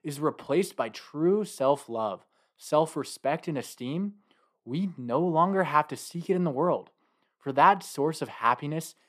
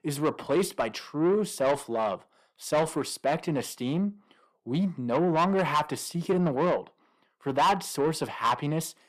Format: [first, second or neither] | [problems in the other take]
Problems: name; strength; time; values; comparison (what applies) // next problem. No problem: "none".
first | distortion; heavy; 8 dB below the speech